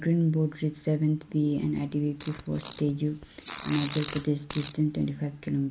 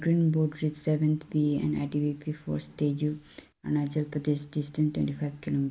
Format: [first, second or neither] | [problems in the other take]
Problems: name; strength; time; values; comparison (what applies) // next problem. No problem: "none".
second | background sound (Fart); 14 dB below the speech